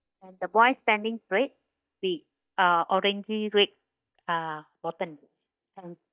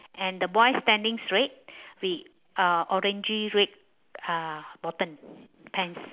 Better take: second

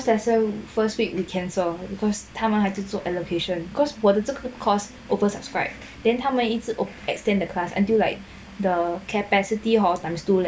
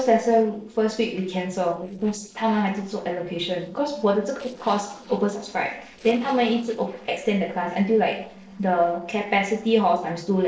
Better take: first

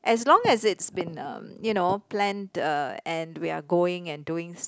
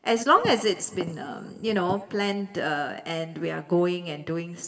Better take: first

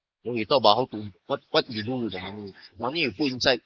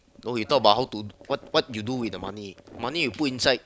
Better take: second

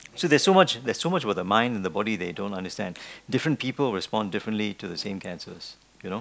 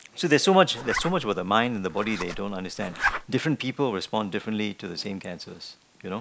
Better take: first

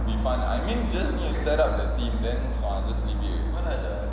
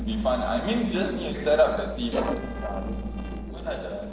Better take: first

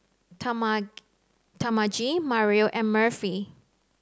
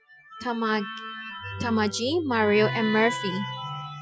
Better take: first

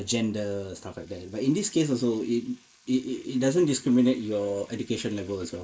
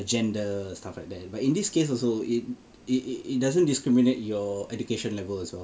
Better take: second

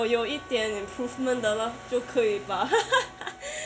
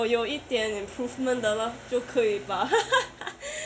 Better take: second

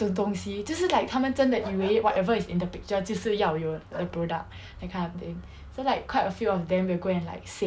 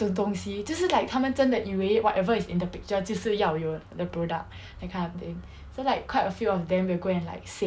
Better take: second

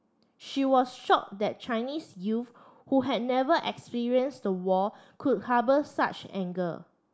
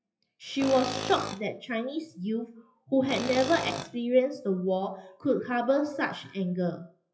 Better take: first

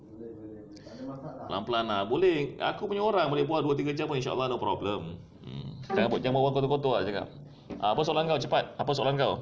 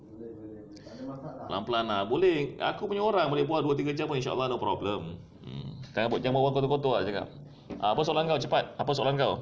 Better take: second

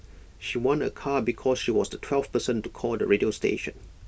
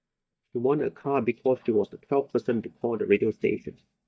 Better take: first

